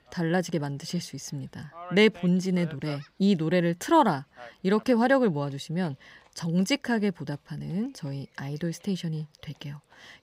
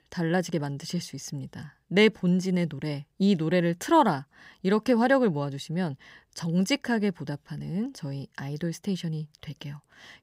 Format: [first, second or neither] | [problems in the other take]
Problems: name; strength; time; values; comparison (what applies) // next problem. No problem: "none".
second | animal sounds; faint; throughout; 25 dB below the speech